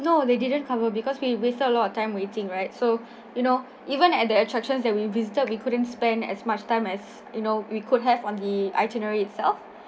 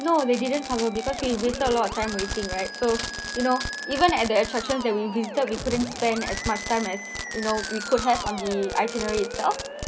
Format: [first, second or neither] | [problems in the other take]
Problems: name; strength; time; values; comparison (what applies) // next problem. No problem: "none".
first | background sound (Fireworks + Musical instrument); 8 dB below the speech